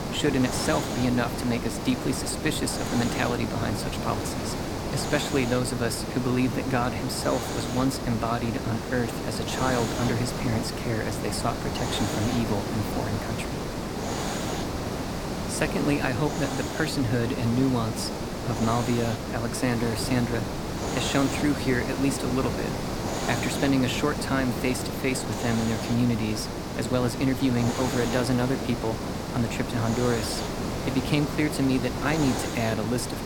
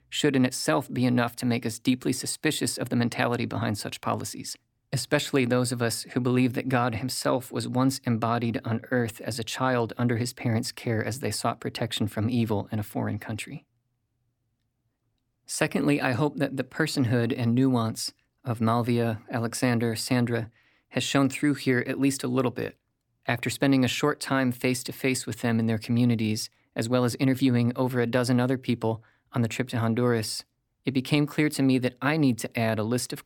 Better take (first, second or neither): second